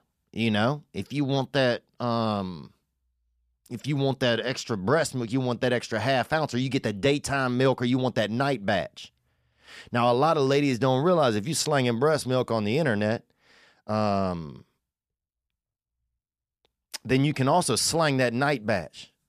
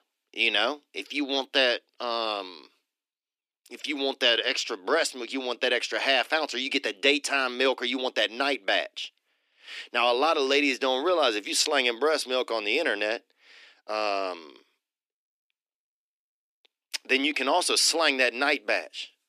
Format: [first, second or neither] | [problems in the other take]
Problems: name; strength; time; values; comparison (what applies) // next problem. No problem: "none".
first | thin; somewhat; fading below 300 Hz